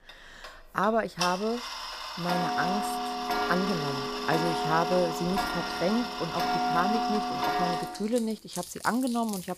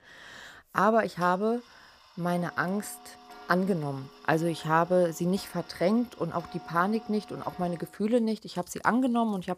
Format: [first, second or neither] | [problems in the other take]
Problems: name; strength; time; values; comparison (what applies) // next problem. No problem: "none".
second | household noises; loud; throughout; as loud as the speech; faint in the second